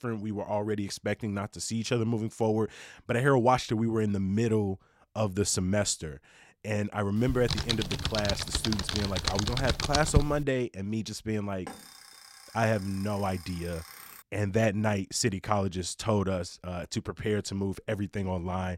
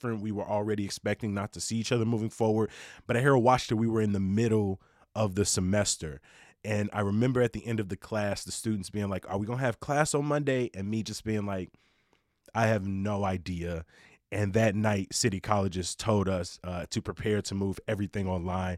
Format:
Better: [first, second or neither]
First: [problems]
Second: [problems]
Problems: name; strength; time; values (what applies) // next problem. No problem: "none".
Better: second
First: keyboard typing; loud; from 7.5 to 10 s; peak 2 dB above the speech // alarm; faint; from 12 to 14 s; peak 15 dB below the speech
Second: none